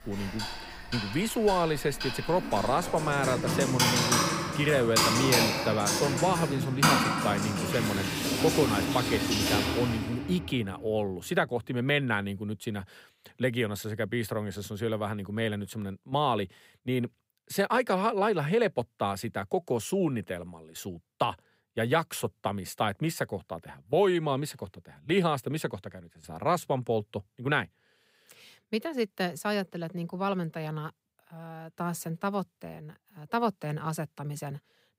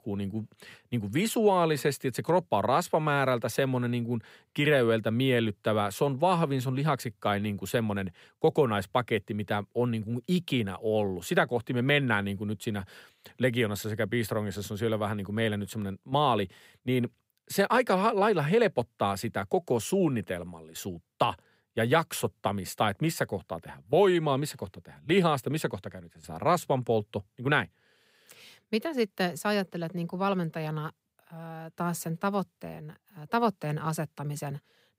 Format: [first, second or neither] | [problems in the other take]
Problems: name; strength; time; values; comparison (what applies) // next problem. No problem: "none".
second | household noises; very loud; until 10 s; 2 dB above the speech